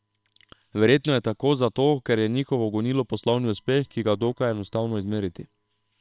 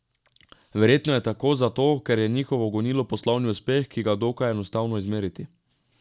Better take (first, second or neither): second